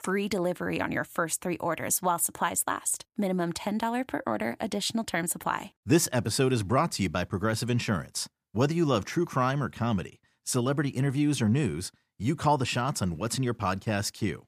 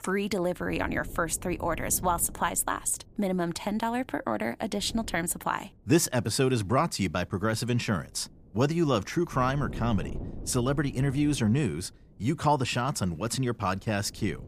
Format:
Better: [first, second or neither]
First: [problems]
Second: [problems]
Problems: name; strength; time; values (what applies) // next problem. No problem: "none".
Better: first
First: none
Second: wind noise on the microphone; occasional gusts; 20 dB below the speech